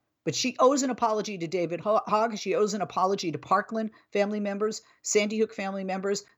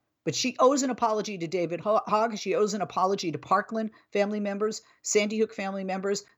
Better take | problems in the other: neither | none

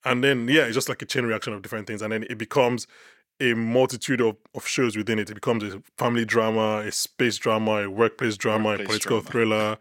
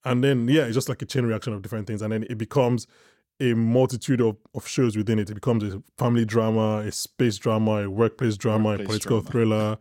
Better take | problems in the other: second | thin; very slightly; fading below 450 Hz

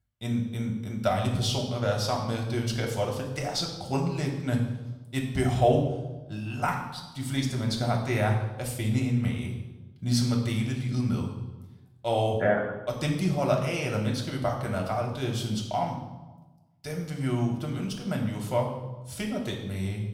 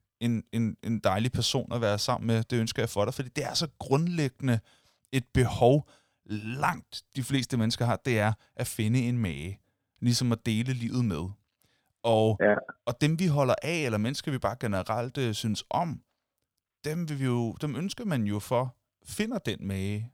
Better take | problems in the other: second | room echo; noticeable; dies away in 0.8 s // off-mic speech; somewhat distant

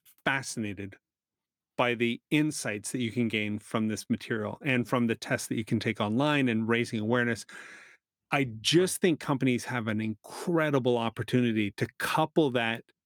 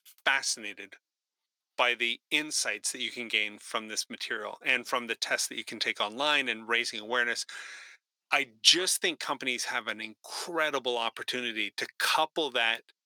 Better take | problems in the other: first | thin; very; fading below 650 Hz

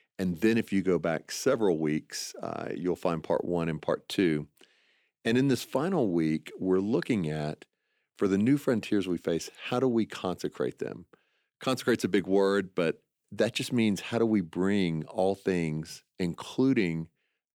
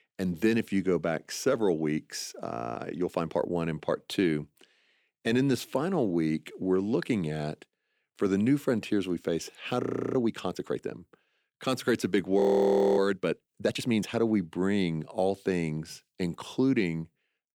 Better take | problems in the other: first | audio freezing; at 2.5 s, at 10 s and at 12 s for 0.5 s

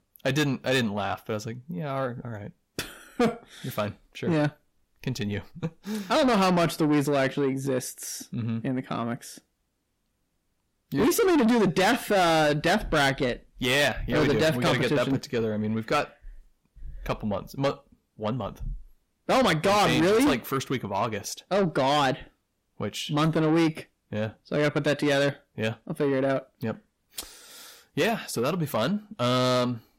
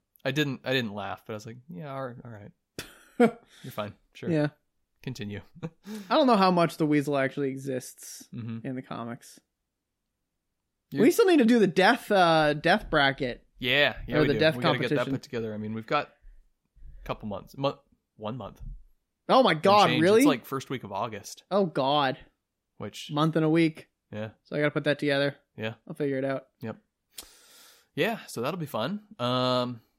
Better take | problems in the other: second | distortion; heavy; 7 dB below the speech

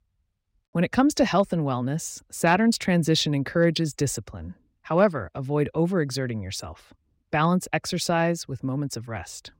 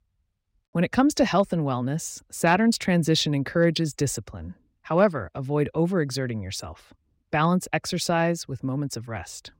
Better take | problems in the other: neither | none

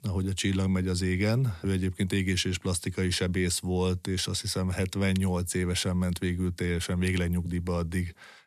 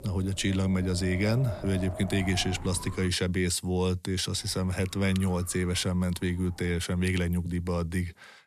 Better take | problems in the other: first | wind noise on the microphone; occasional gusts; until 3 s and from 4.5 to 7 s; 10 dB below the speech

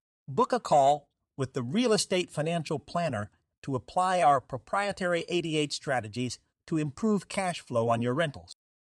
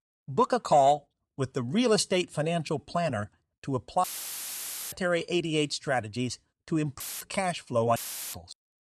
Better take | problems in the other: first | audio cutting out; filled with static; at 4 s for 1 s, at 7 s and at 8 s

